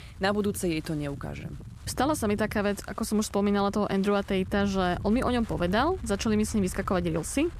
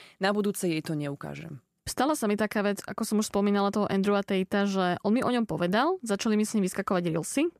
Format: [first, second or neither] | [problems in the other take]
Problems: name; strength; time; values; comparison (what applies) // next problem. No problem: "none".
second | wind noise on the microphone; occasional gusts; 25 dB below the speech